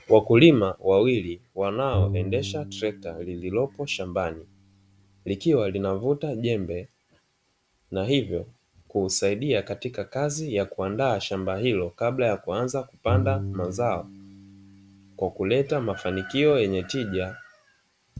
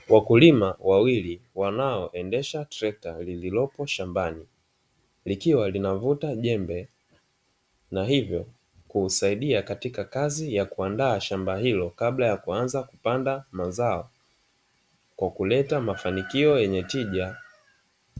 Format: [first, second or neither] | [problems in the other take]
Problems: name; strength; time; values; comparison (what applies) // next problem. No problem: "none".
second | background sound (Bowed string instrument); 7 dB below the speech